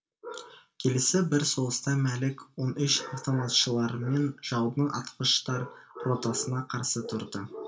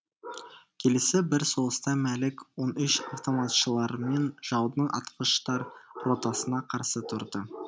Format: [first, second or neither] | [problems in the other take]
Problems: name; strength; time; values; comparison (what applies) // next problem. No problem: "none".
second | room echo; dies away in 0.2 s